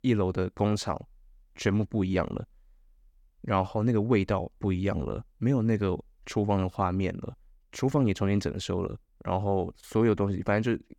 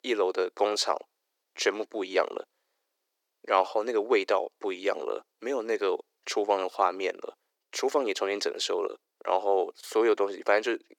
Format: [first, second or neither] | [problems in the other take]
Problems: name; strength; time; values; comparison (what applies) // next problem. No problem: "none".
first | thin; very; fading below 350 Hz